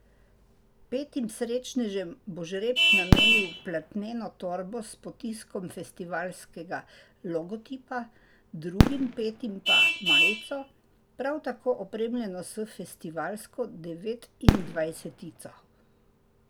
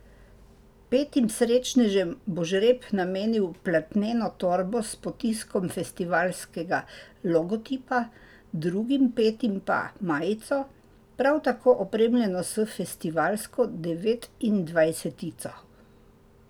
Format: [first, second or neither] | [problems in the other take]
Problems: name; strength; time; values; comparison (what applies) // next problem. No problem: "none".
second | background sound (Fireworks + Vehicle horn, car horn, honking); 5 dB above the speech